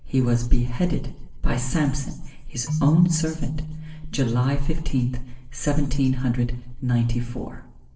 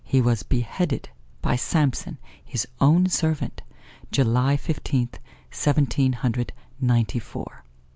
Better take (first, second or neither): second